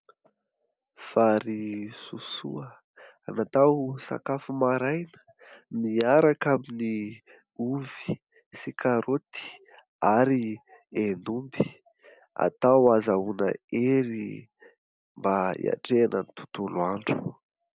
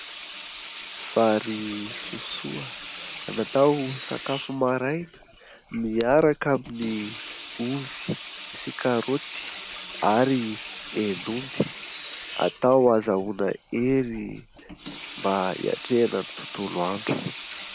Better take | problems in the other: first | background sound (Sink (filling or washing) / Water tap, faucet); 13 dB below the speech

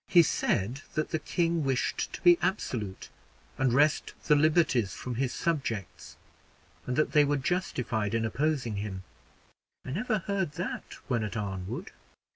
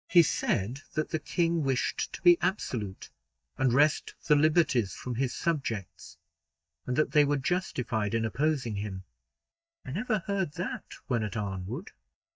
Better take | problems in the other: first | noise reduction (neural mask model DeepFilterNet 3)

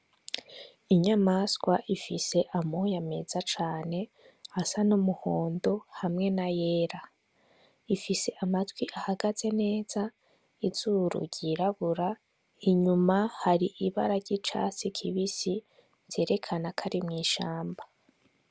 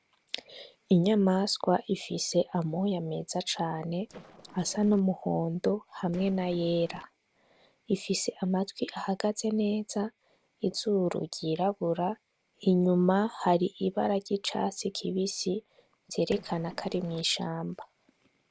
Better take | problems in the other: first | noise reduction (neural separator model SepFormer DNS4)

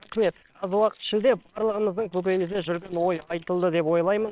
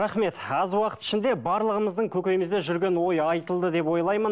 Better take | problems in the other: second | noise reduction (neural separator model SepFormer WHAMR!)

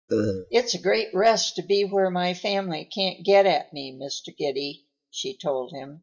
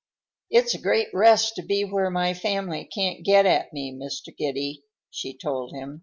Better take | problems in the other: second | noise reduction (neural mask model DeepFilterNet 3)

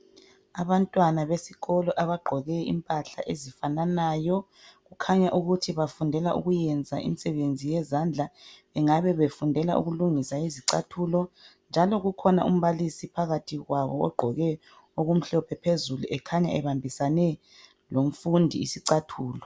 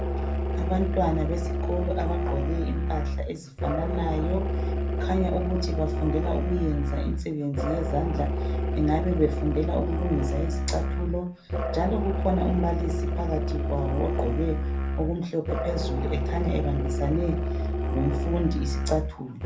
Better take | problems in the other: first | background sound (Musical instrument); 2 dB above the speech // room echo; dies away in 0.3 s

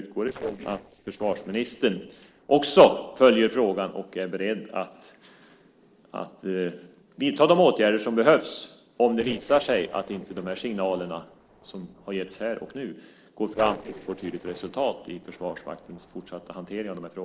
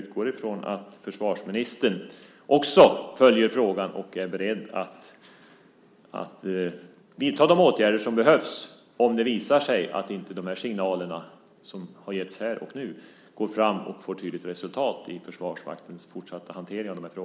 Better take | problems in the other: second | noise reduction (neural separator model SepFormer DNS4)

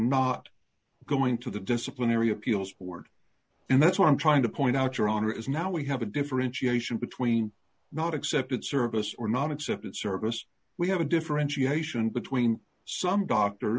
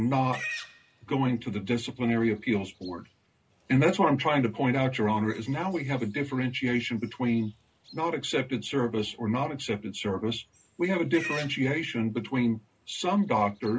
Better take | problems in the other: first | background sound (Livestock, farm animals, working animals); 19 dB below the speech // room echo; dies away in 0.2 s

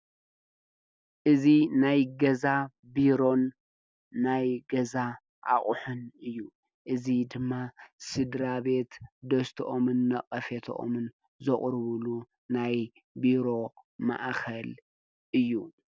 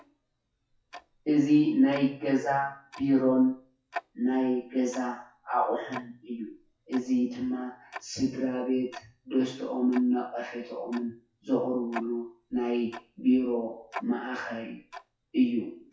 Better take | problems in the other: first | noise reduction (classical method WPE with log-MMSE)

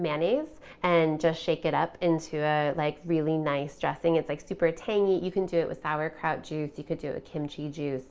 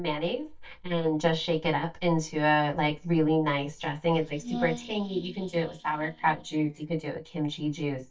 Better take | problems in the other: first | noise reduction (neural mask model DeepFilterNet 3)

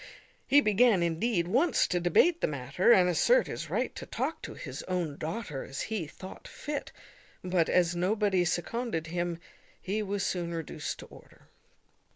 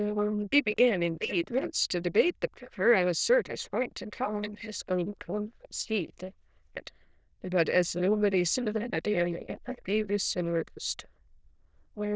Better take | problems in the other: first | noise reduction (neural diffusion model UNIVERSE++)

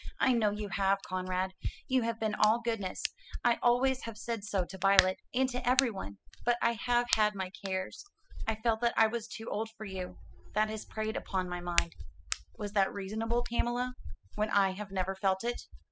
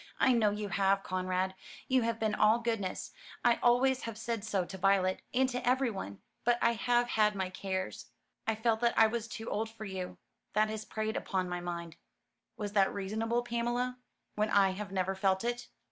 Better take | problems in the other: second | noise reduction (classical method spectral subtraction)

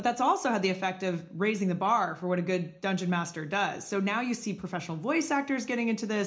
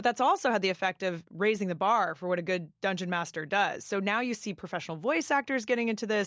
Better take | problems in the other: second | room echo; dies away in 0.4 s

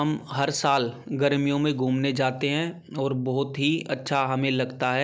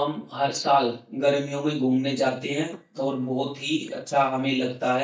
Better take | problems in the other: first | noise reduction (neural mask model DeepFilterNet 3)

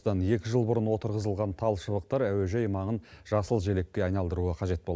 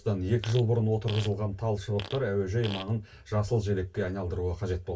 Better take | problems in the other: first | background sound (Fart); 15 dB below the speech // room echo; dies away in 0.1 s

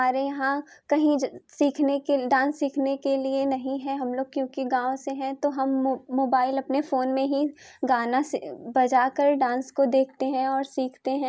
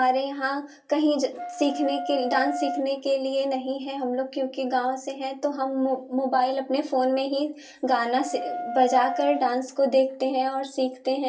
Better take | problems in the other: first | background sound (Wind instrument, woodwind instrument); 8 dB below the speech // room echo; dies away in 0.2 s

